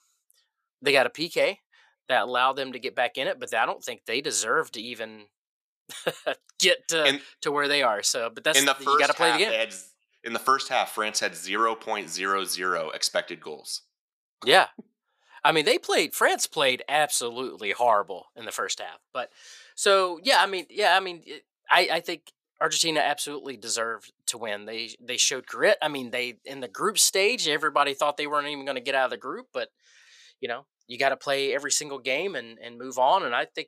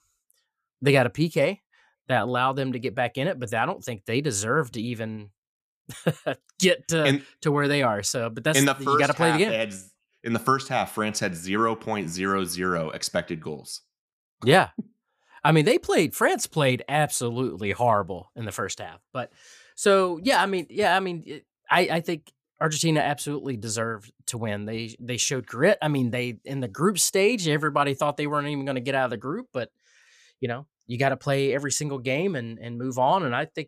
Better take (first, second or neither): second